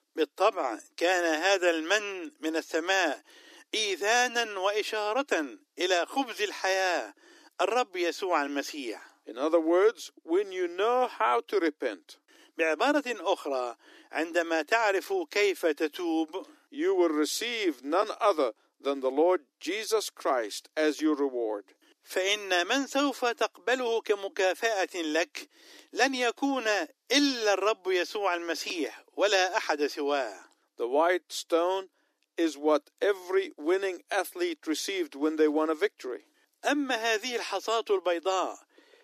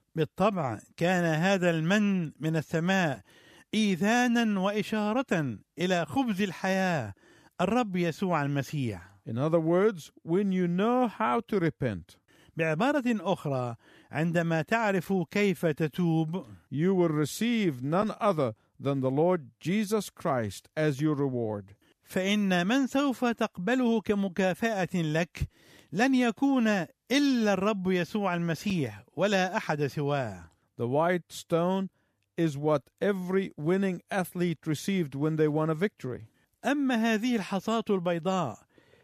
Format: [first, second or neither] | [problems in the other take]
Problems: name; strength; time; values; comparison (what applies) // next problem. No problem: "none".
second | thin; somewhat; fading below 300 Hz